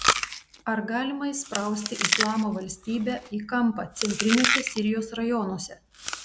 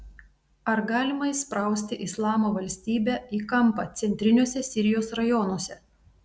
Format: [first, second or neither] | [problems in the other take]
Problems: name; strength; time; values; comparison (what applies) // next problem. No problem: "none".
second | background sound (Chewing, mastication); 2 dB below the speech